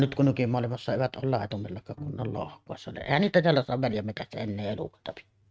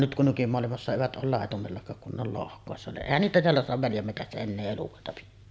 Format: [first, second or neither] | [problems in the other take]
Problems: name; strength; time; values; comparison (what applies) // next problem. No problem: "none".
second | noise reduction (neural mask model RNNoise)